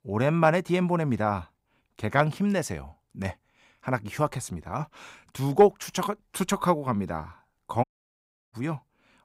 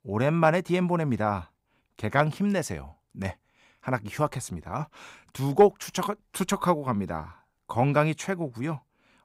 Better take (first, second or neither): second